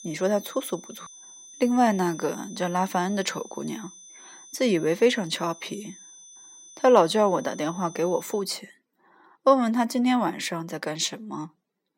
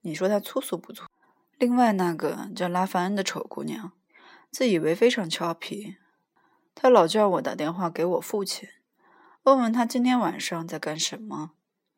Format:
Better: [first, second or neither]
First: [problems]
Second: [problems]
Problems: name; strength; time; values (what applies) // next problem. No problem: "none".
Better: second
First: high-pitched whine; noticeable; until 8.5 s; 6 kHz, 20 dB below the speech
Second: none